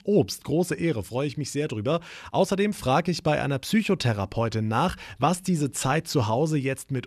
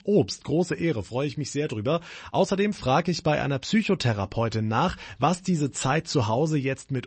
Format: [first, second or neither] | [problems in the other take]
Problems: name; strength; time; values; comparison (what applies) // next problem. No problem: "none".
first | garbled, watery; slightly; nothing above 8 kHz